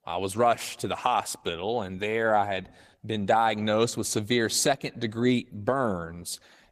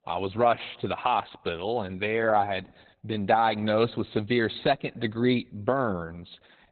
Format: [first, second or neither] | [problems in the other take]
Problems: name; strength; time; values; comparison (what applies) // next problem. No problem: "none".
first | garbled, watery; badly; nothing above 4 kHz; slightly in the first